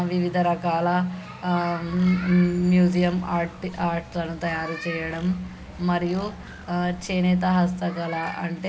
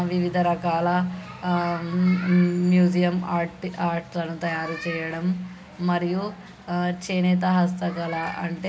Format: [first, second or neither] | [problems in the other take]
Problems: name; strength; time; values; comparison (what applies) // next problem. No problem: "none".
second | background sound (Bird); 19 dB below the speech